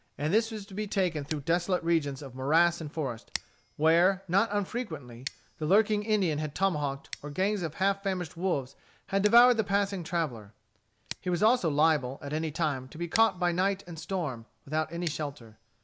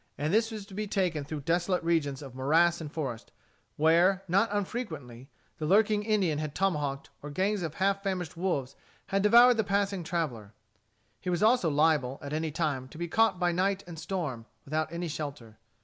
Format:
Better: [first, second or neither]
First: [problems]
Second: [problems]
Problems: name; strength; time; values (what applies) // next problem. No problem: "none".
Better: second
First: background sound (Scissors); 20 dB below the speech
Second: none